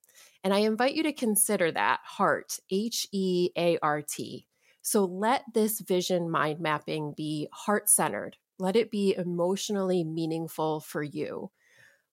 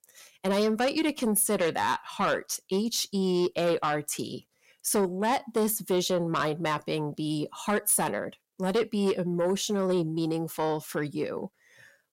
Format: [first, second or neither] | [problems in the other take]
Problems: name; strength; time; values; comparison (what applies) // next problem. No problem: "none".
first | distortion; slight; 10 dB below the speech